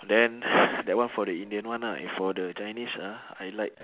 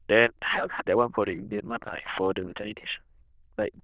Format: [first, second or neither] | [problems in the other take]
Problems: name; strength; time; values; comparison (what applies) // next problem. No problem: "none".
first | noise reduction (neural diffusion model UNIVERSE++)